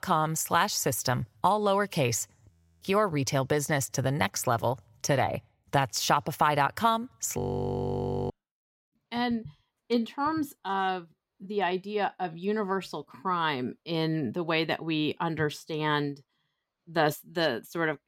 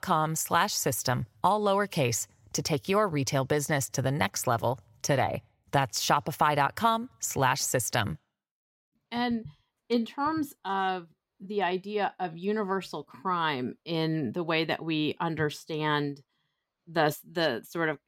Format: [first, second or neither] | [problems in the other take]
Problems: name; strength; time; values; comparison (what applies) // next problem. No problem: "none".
second | audio freezing; at 2.5 s and at 7.5 s for 1 s